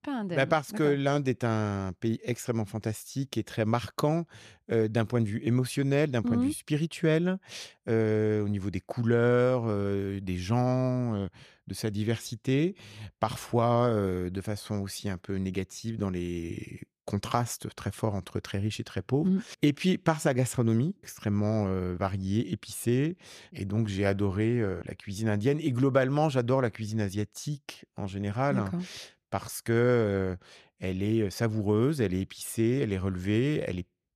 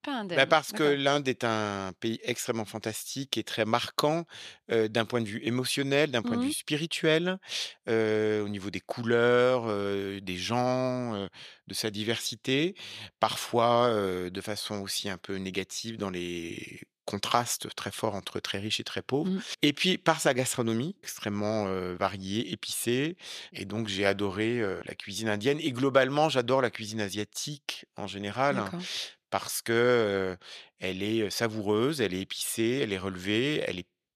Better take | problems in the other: first | thin; very slightly; fading below 500 Hz

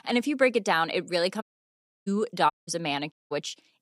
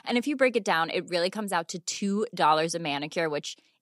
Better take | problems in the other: second | audio cutting out; at 1.5 s for 0.5 s, at 2.5 s and at 3 s

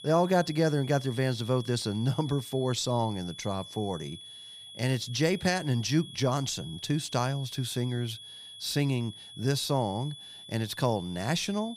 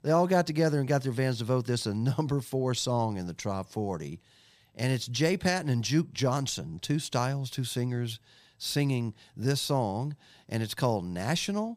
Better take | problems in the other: second | high-pitched whine; noticeable; throughout; 3.5 kHz, 15 dB below the speech

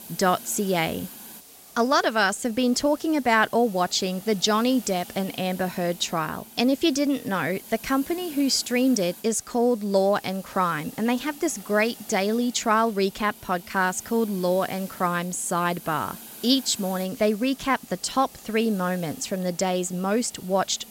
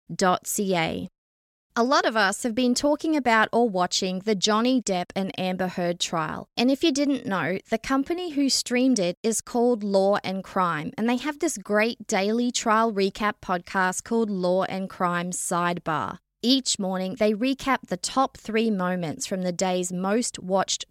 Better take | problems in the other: second | hiss; noticeable; throughout; 15 dB below the speech

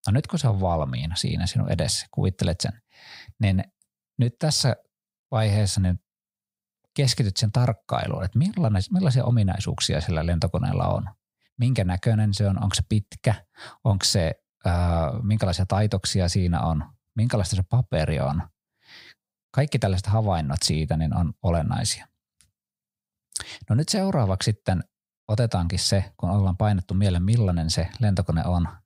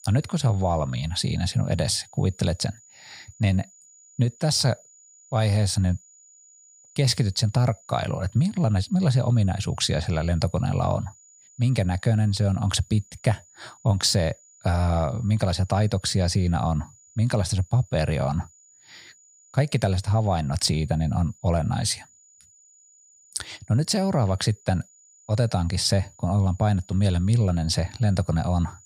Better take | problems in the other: first | high-pitched whine; faint; throughout; 7 kHz, 25 dB below the speech

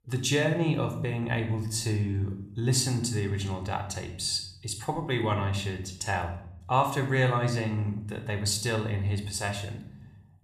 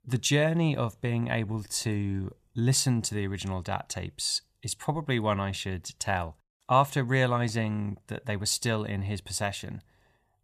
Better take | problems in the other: second | room echo; slight; dies away in 0.6 s

